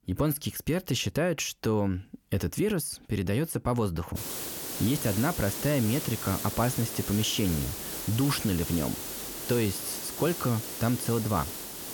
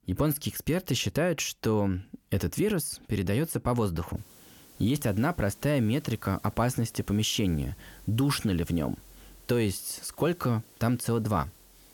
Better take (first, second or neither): second